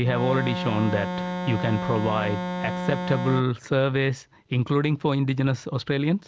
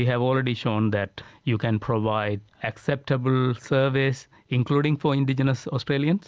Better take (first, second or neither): second